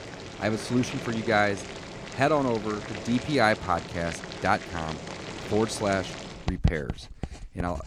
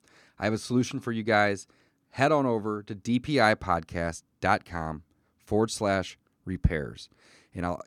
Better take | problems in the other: second | household noises; loud; throughout; 10 dB below the speech

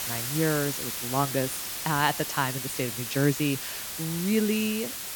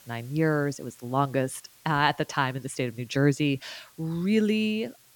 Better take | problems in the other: second | hiss; loud; throughout; 3 dB below the speech; faint in the second

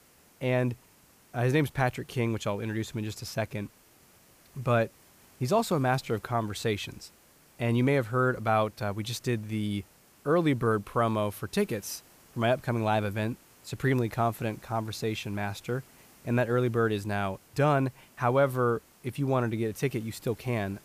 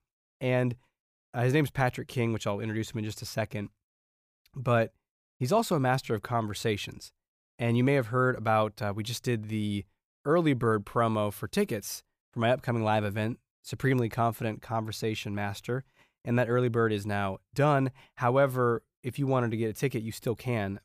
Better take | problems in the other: second | hiss; faint; throughout; 25 dB below the speech

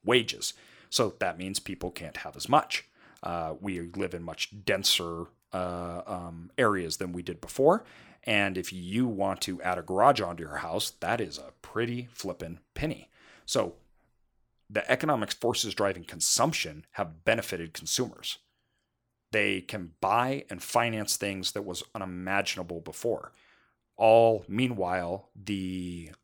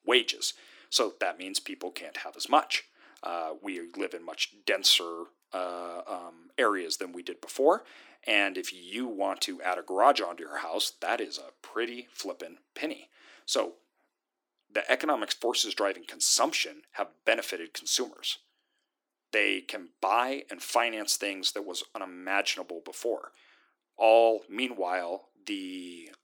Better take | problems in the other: first | thin; very slightly; fading below 300 Hz

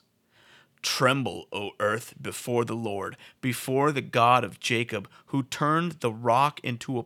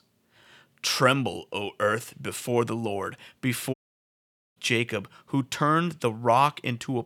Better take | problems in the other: first | audio cutting out; at 3.5 s for 1 s

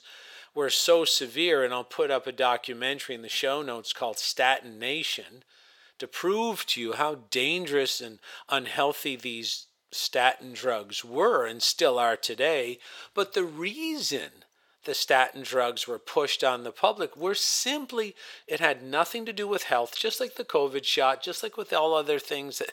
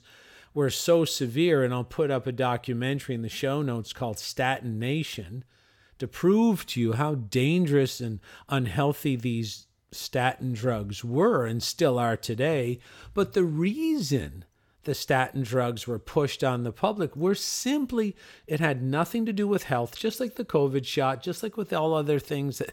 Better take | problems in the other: second | thin; very; fading below 600 Hz

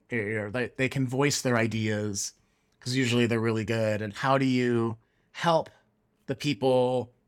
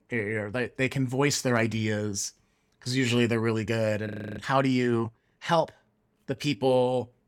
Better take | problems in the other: first | audio freezing; at 4 s

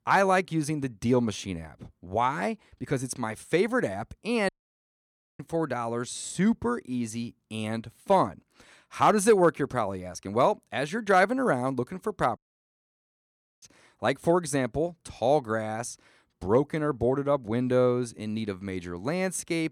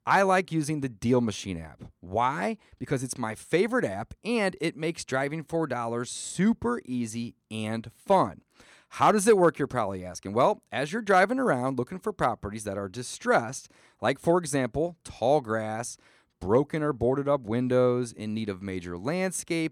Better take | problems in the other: second | audio cutting out; at 4.5 s for 1 s and at 12 s for 1.5 s

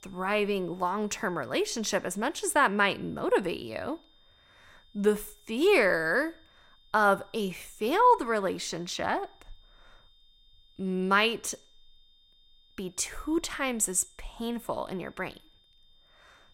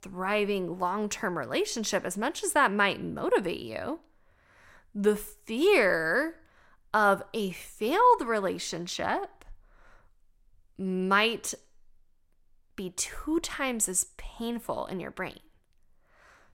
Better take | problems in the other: second | high-pitched whine; faint; throughout; 3.5 kHz, 35 dB below the speech

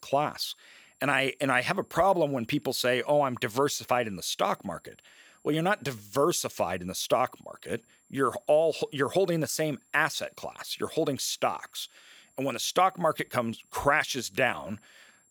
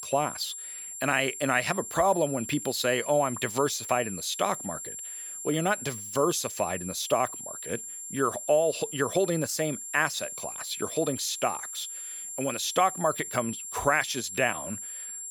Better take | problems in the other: first | high-pitched whine; loud; throughout; 7.5 kHz, 8 dB below the speech; faint in the first

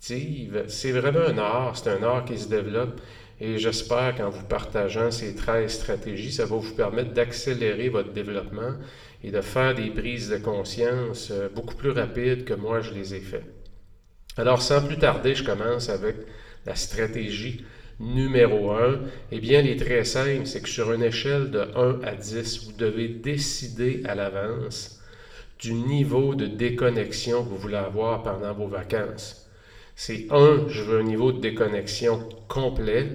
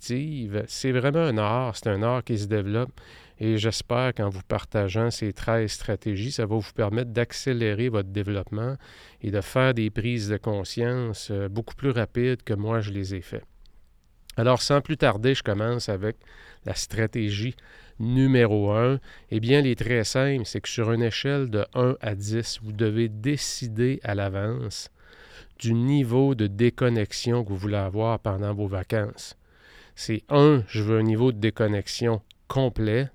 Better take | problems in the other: second | room echo; very slight; dies away in 0.7 s

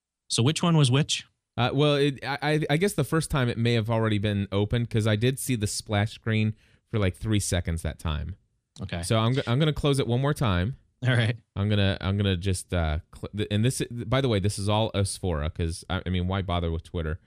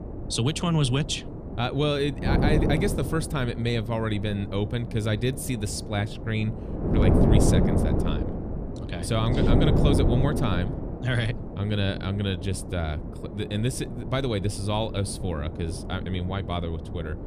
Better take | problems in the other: first | wind noise on the microphone; heavy; 4 dB below the speech

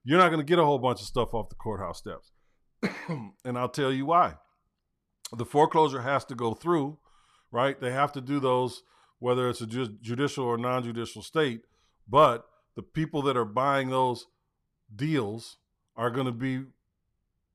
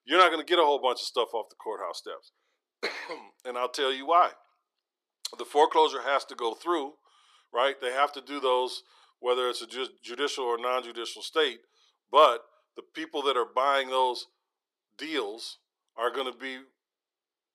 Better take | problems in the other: first | thin; very; fading below 350 Hz

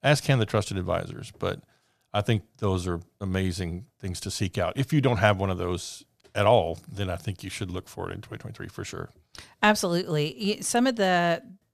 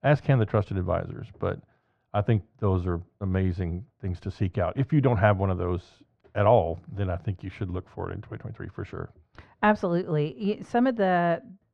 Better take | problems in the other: first | muffled; very; fading above 1.5 kHz

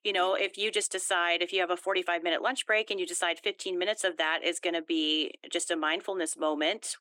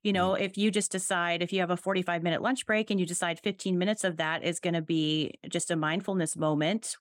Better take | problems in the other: second | thin; very; fading below 300 Hz

